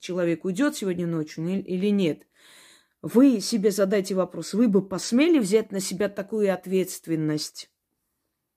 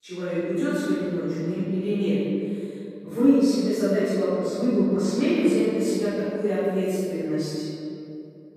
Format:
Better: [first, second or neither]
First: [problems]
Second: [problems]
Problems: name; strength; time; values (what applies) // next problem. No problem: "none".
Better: first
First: none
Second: off-mic speech; far // room echo; strong; dies away in 2.5 s